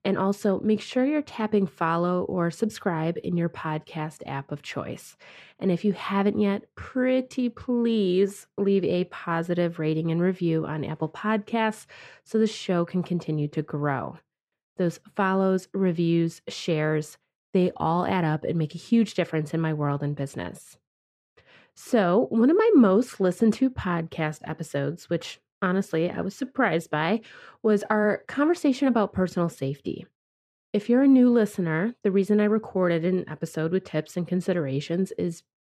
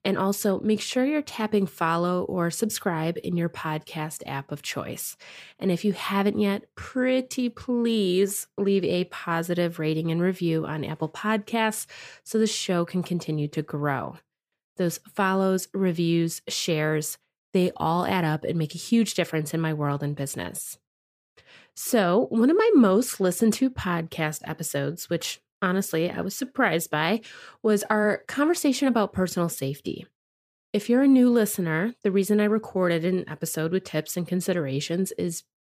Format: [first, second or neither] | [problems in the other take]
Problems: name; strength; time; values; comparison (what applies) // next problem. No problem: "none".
second | muffled; slightly; fading above 2 kHz